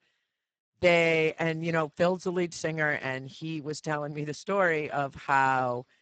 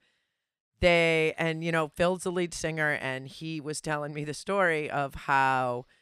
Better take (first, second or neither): second